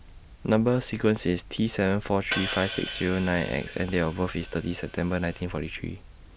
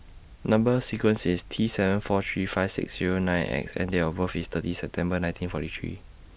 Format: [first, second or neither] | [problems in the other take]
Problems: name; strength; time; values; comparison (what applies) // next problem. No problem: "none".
second | background sound (Hi-hat); 11 dB below the speech